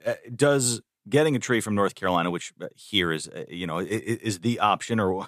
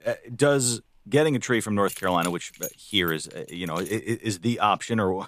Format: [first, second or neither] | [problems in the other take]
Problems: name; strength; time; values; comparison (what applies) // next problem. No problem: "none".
first | jangling keys; faint; from 2 to 4 s; peak 10 dB below the speech